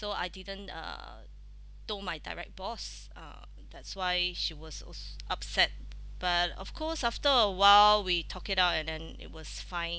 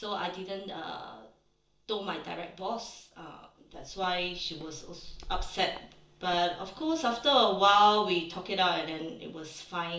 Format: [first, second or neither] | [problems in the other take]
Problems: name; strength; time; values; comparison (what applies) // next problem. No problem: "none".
first | noise reduction (neural separator model SepFormer DNS4)